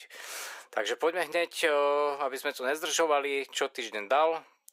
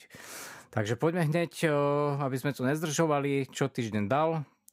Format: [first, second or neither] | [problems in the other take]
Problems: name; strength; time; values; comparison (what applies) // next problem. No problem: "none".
second | thin; very; fading below 450 Hz